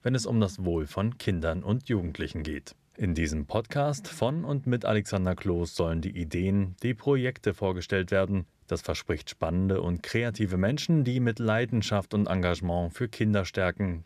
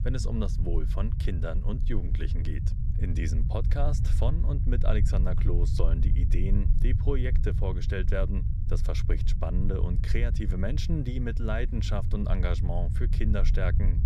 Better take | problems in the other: first | low rumble; loud; throughout; 8 dB below the speech

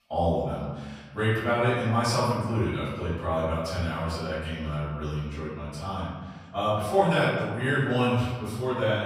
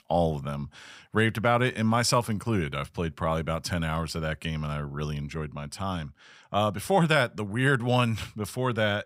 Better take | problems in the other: second | off-mic speech; far // room echo; strong; dies away in 1.2 s

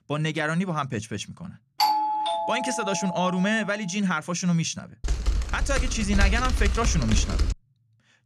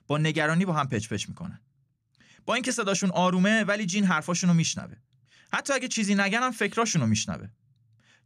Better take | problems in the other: second | doorbell; loud; from 2 to 3.5 s; peak 4 dB above the speech // keyboard typing; loud; from 5 to 7.5 s; peak 2 dB above the speech

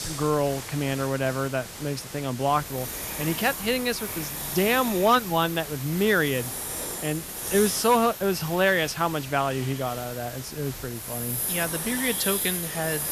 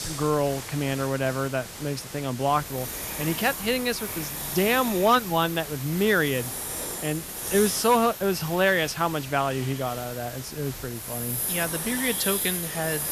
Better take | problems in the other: neither | hiss; loud; throughout; 5 dB below the speech; the same in both

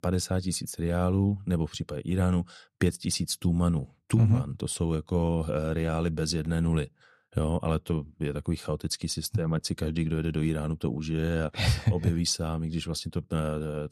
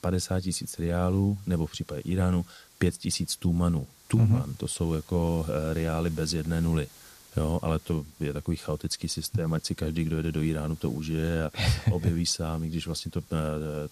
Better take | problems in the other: first | hiss; faint; throughout; 25 dB below the speech

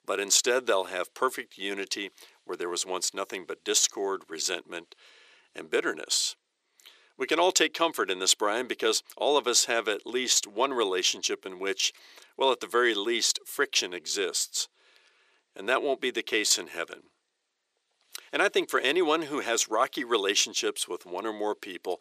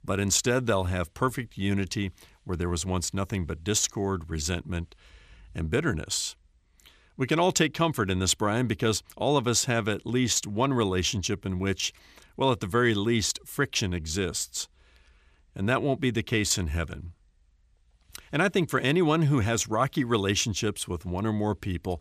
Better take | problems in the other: second | thin; very; fading below 400 Hz

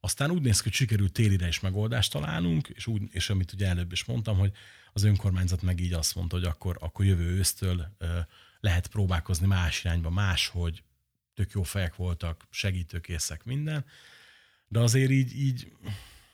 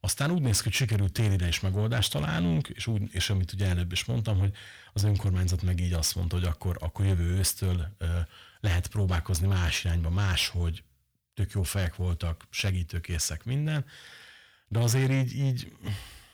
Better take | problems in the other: first | distortion; slight; 10 dB below the speech

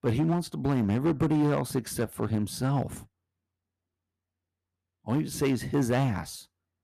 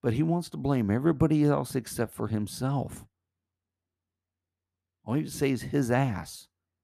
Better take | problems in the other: second | distortion; slight; 6% of the sound clipped

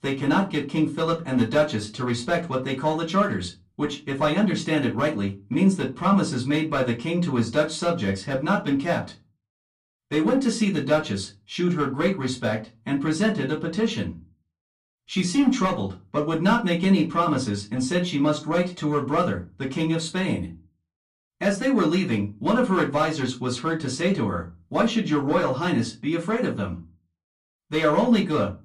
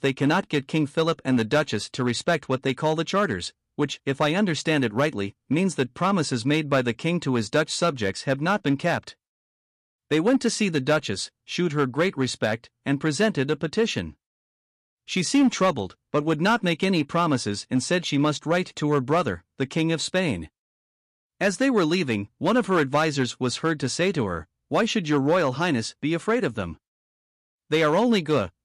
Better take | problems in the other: second | off-mic speech; far // room echo; very slight; dies away in 0.2 s

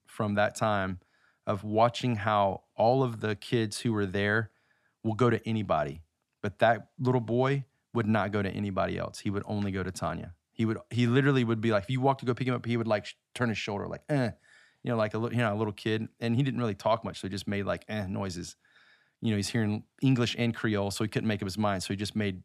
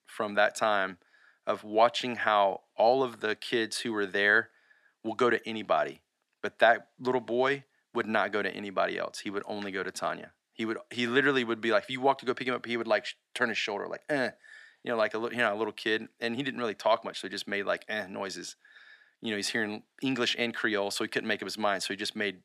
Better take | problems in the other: first | thin; somewhat; fading below 400 Hz

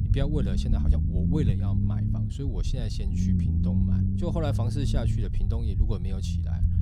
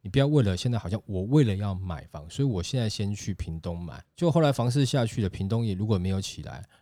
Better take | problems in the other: second | low rumble; loud; throughout; 1 dB below the speech

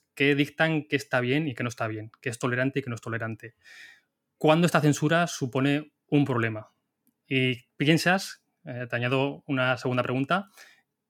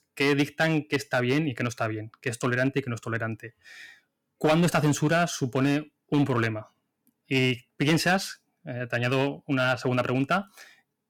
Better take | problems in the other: first | distortion; slight; 4% of the sound clipped

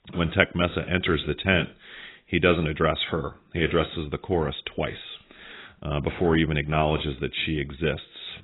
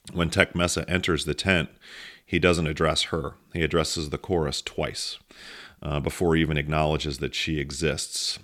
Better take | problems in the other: second | garbled, watery; badly; nothing above 4 kHz

